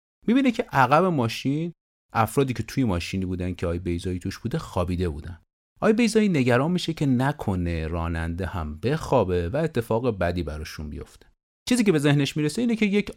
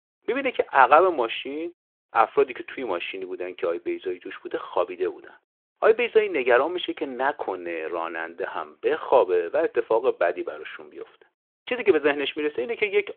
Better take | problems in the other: first | phone-call audio

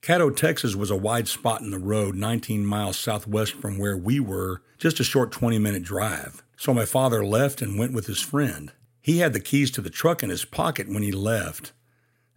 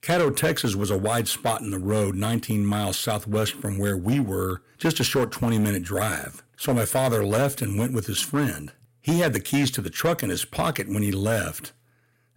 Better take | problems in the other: first | distortion; slight; 6% of the sound clipped

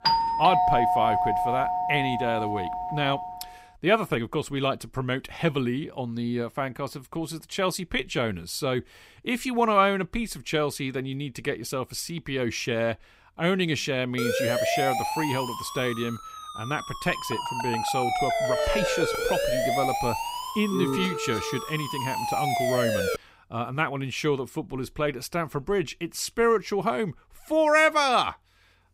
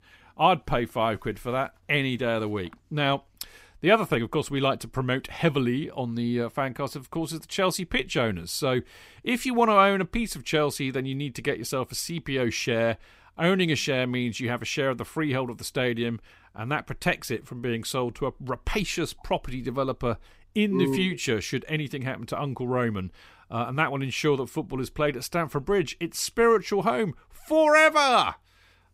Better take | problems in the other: second | doorbell; loud; until 3.5 s; peak 6 dB above the speech // siren; loud; from 14 to 23 s; peak 2 dB above the speech

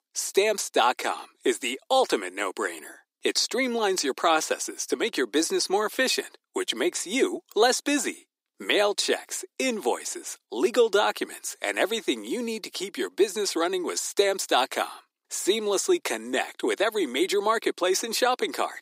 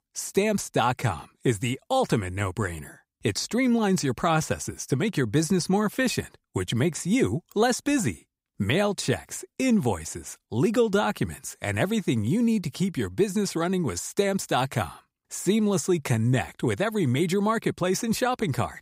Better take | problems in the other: second | thin; somewhat; fading below 300 Hz

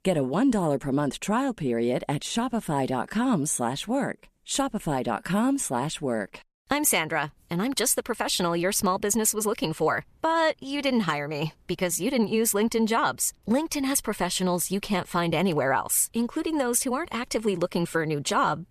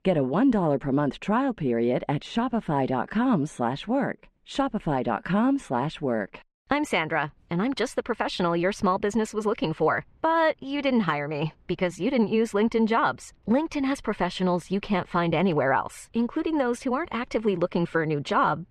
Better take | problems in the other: first | muffled; slightly; fading above 2.5 kHz

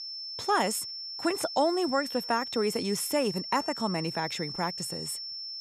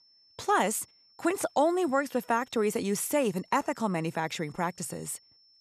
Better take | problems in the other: second | high-pitched whine; loud; throughout; 5.5 kHz, 6 dB below the speech; faint in the second

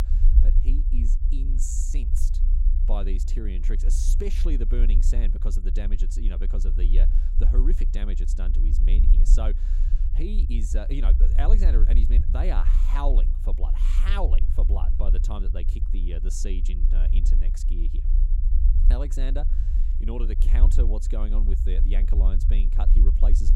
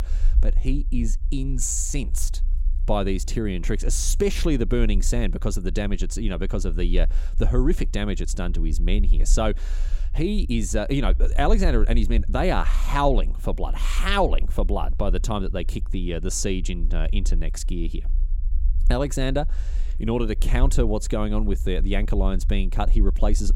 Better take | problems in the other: second | low rumble; loud; throughout; 7 dB below the speech; faint in the second

